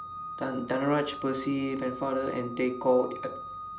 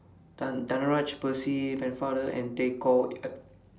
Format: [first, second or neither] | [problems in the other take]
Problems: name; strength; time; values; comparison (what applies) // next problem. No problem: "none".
second | background sound (Organ); 11 dB below the speech